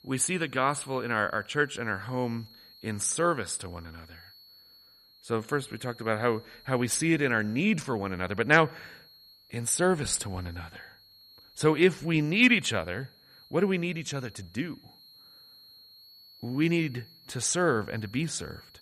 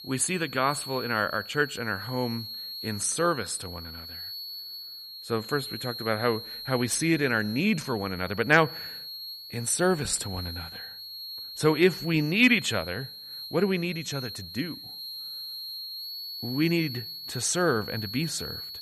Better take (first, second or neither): first